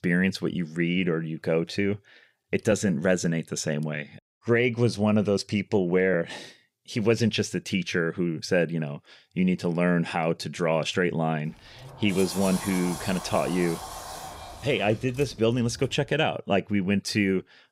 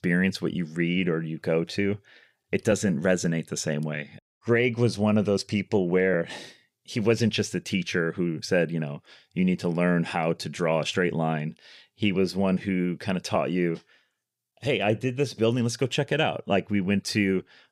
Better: second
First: door banging; noticeable; from 11 to 16 s; peak 8 dB below the speech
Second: none

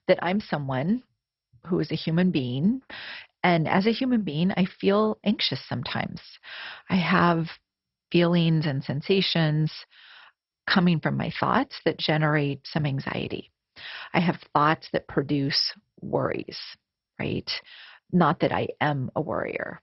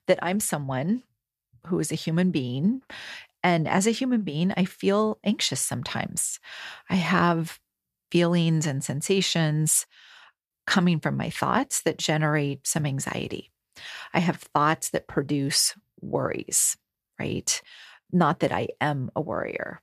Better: second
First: garbled, watery; badly; nothing above 5.5 kHz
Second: none

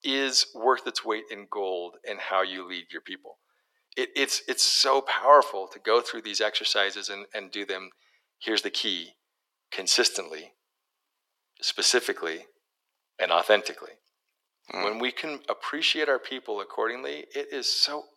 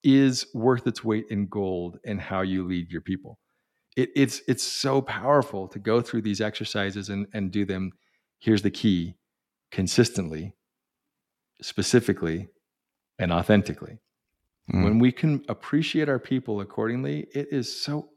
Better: second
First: thin; very; fading below 450 Hz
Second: none

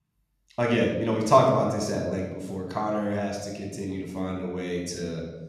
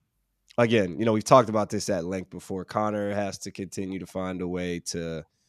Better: second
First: room echo; noticeable; dies away in 1 s // off-mic speech; somewhat distant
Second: none

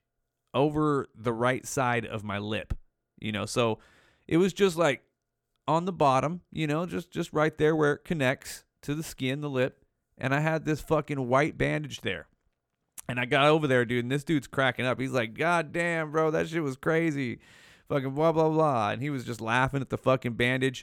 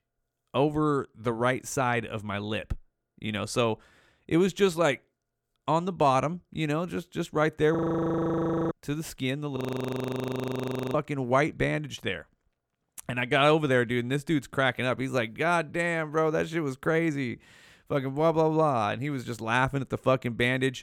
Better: first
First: none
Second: audio freezing; at 8 s for 1 s and at 9.5 s for 1.5 s

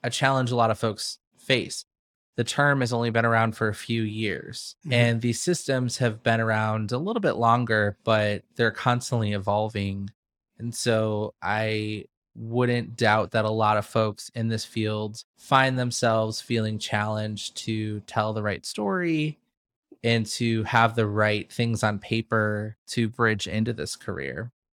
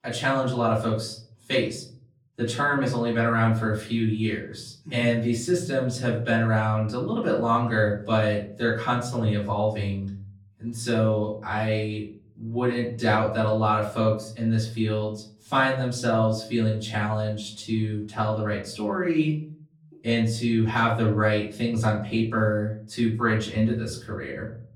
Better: first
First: none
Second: off-mic speech; far // room echo; slight; dies away in 0.5 s

